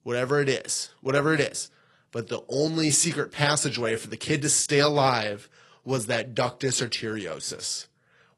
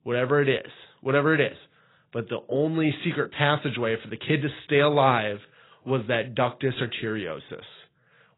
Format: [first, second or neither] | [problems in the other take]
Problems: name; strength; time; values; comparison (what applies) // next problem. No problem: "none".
first | garbled, watery; badly; nothing above 4 kHz; slightly in the first